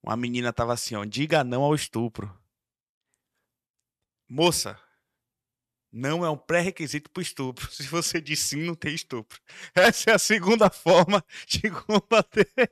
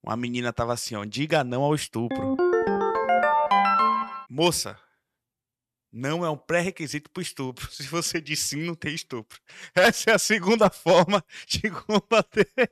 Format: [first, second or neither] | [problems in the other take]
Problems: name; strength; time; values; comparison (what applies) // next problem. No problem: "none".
first | phone ringing; loud; from 2 to 4 s; peak 5 dB above the speech